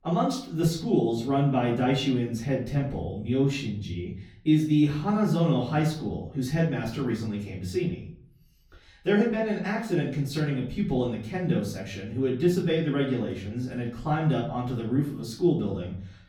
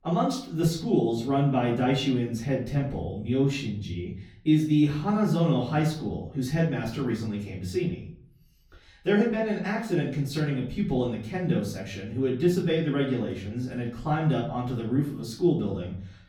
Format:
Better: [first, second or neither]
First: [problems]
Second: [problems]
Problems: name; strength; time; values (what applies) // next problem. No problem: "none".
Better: neither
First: off-mic speech; far // room echo; slight; dies away in 0.5 s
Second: off-mic speech; far // room echo; slight; dies away in 0.5 s